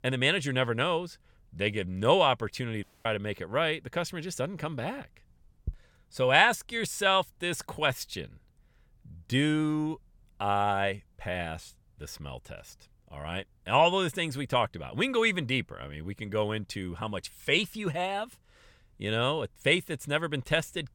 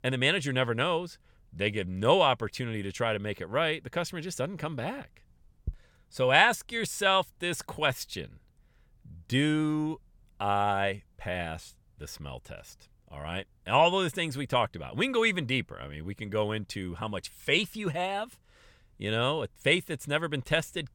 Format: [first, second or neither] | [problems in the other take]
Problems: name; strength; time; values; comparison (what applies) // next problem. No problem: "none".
second | audio cutting out; at 3 s